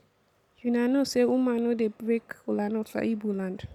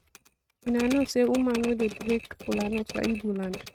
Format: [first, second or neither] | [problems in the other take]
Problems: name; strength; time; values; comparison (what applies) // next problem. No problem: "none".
first | noise reduction (neural mask model RNNoise)